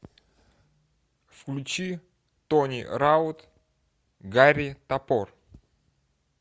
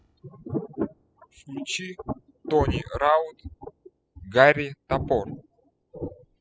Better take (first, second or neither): first